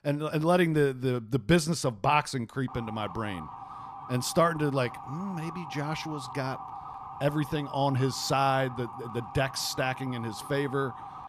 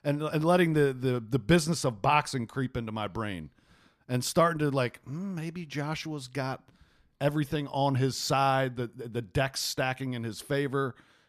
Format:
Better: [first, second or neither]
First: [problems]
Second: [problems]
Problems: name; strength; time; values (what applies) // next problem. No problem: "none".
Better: second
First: siren; faint; from 2.5 s on; peak 10 dB below the speech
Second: none